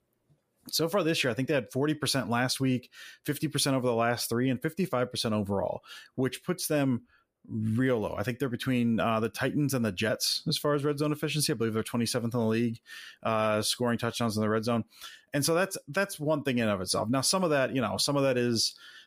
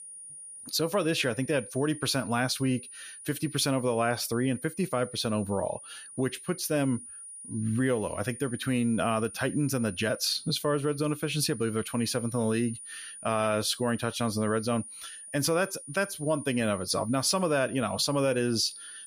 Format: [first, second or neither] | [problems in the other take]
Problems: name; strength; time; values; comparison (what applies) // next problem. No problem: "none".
first | high-pitched whine; noticeable; throughout; 9.5 kHz, 15 dB below the speech